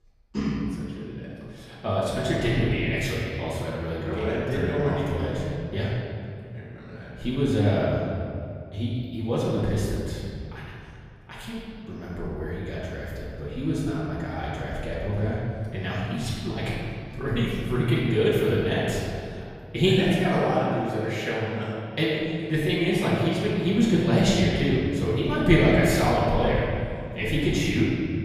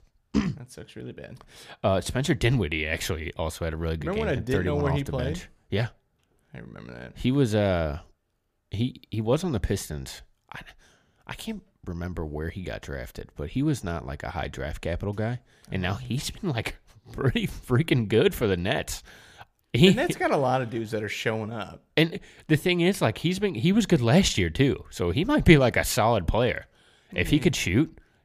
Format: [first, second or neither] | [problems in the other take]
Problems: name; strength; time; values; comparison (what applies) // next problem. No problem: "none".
second | off-mic speech; far // room echo; strong; dies away in 2.3 s